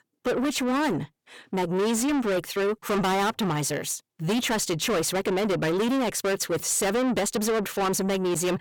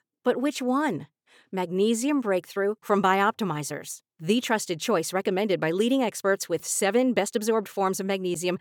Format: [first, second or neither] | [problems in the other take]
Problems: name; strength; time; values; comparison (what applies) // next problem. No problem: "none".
second | distortion; heavy; 6 dB below the speech